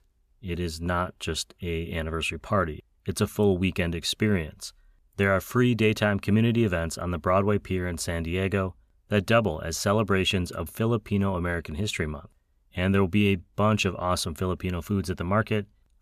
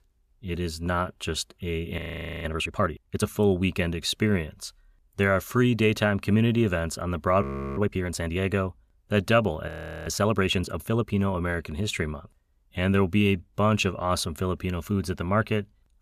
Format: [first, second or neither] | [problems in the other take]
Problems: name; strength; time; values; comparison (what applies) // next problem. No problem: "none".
first | audio freezing; at 2 s, at 7.5 s and at 9.5 s